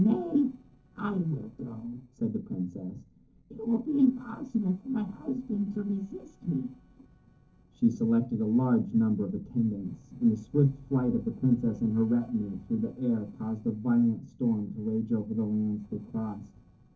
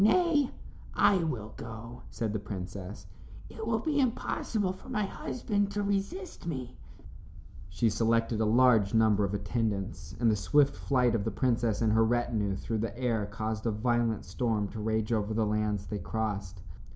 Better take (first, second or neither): second